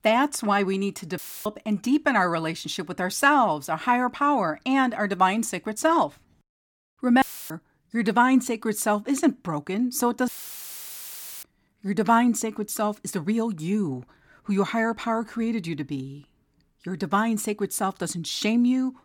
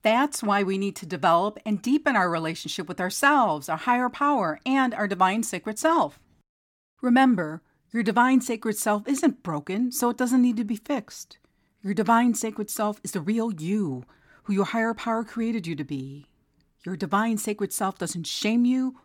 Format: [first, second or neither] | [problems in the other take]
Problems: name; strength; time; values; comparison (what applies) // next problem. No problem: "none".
second | audio cutting out; filled with static; at 1 s, at 7 s and at 10 s for 1 s